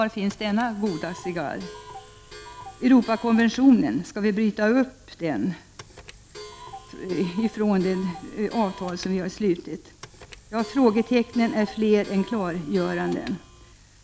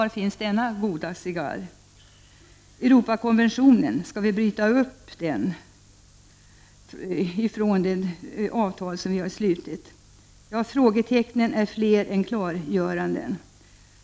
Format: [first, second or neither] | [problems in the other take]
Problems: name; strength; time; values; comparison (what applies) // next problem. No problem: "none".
second | background sound (Clock); 18 dB below the speech